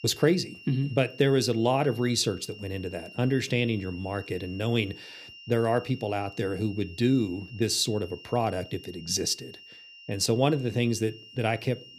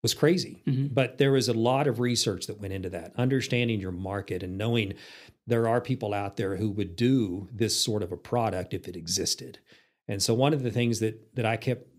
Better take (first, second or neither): second